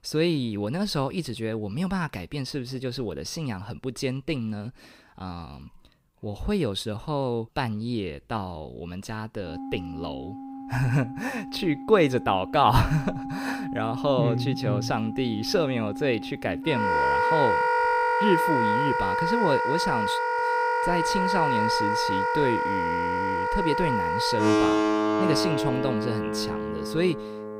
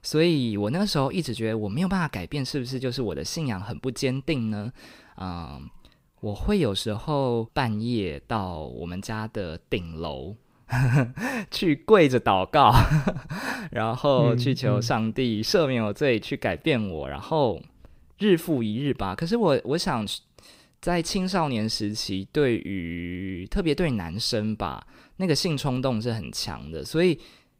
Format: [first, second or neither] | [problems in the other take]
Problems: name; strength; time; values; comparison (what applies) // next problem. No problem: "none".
second | background music; very loud; from 9.5 s on; 2 dB above the speech